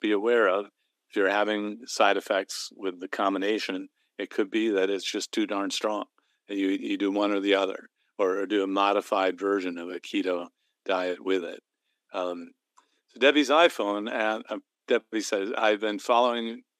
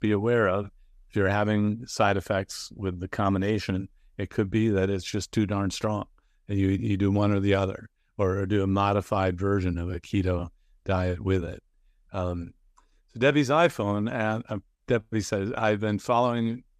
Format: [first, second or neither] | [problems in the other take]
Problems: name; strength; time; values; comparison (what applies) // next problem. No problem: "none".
second | thin; somewhat; fading below 250 Hz